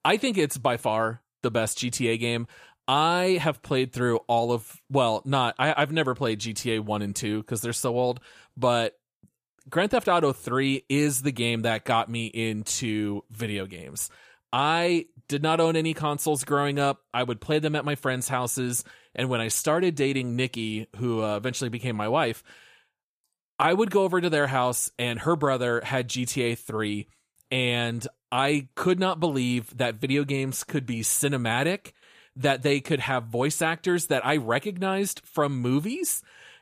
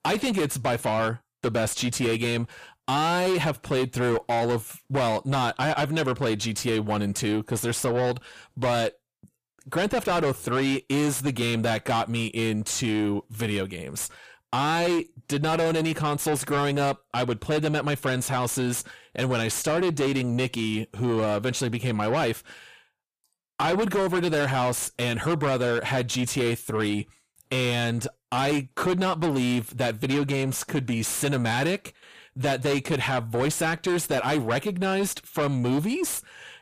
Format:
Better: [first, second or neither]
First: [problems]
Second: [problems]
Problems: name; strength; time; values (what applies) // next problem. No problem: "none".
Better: first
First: none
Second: distortion; heavy; 8 dB below the speech